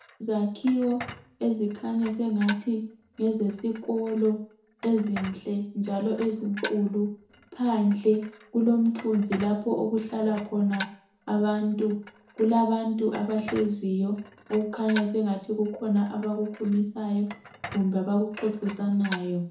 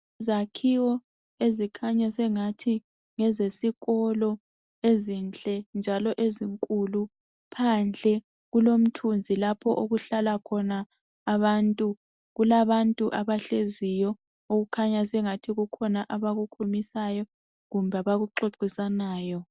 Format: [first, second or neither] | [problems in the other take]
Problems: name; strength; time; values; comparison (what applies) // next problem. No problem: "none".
second | background sound (Dishes, pots, and pans); 17 dB below the speech // room echo; dies away in 0.6 s